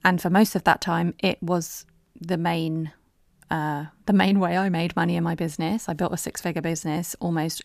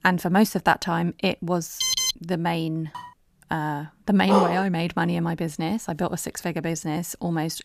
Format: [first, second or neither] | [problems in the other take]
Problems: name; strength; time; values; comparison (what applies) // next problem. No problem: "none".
first | alarm; loud; at 2 s; peak 3 dB above the speech // clattering dishes; faint; at 3 s; peak 15 dB below the speech // dog barking; loud; at 4.5 s; peak 2 dB above the speech